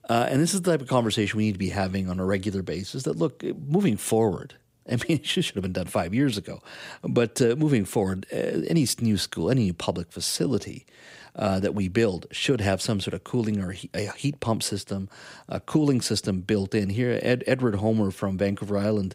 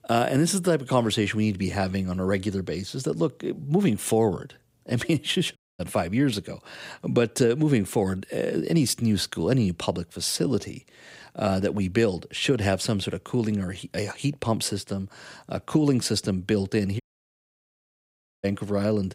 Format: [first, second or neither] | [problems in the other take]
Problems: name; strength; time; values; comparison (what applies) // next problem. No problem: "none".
first | audio cutting out; at 5.5 s and at 17 s for 1.5 s